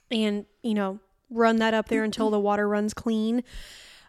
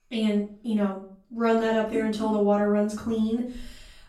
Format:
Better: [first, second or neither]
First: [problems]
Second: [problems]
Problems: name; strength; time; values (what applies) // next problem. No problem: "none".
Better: first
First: none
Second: off-mic speech; far // room echo; slight; dies away in 0.6 s